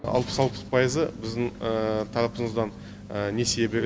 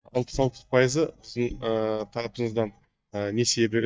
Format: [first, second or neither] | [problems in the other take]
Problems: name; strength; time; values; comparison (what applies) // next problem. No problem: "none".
first | noise reduction (neural mask model DeepFilterNet 3)